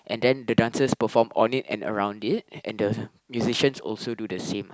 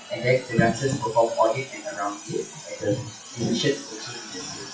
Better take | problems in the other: first | noise reduction (classical method WPE with log-MMSE)

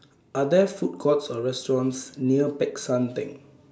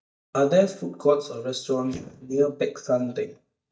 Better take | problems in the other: first | noise reduction (neural mask model DeepFilterNet 3)

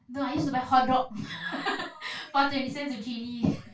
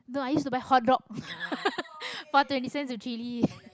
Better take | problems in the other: second | room echo; dies away in 0.2 s

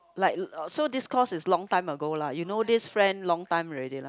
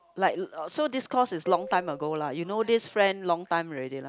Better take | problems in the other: first | background sound (Marimba, xylophone); 16 dB below the speech

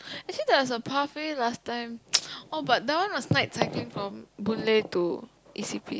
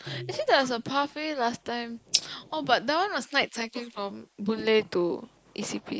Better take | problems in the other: first | noise reduction (neural mask model Resemble Enhance denoiser)

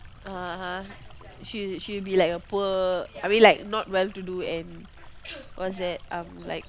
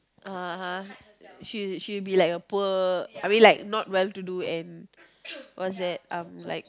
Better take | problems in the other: second | background sound (Stream); 19 dB below the speech

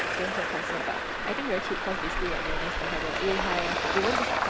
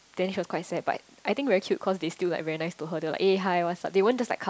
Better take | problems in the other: second | background sound (Traffic noise, roadway noise); 4 dB above the speech

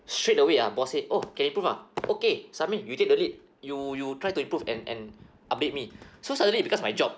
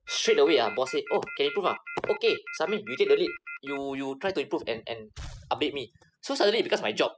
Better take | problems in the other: first | noise reduction (classical method spectral subtraction)

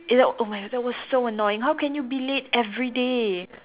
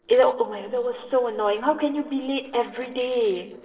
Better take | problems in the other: first | noise reduction (neural separator model SepFormer DNS4)

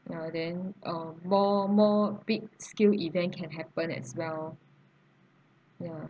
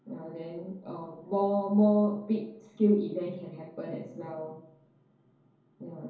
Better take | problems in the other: first | room echo; dies away in 2.4 s

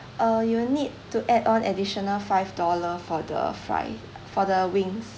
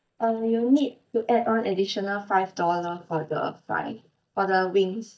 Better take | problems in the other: first | noise reduction (neural mask model DeepFilterNet 3)

